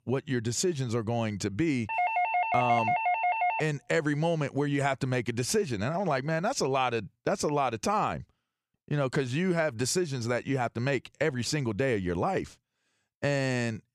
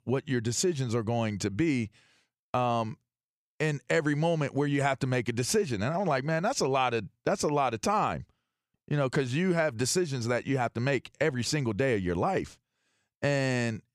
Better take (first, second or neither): second